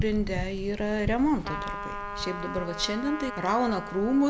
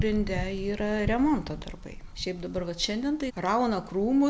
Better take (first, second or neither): second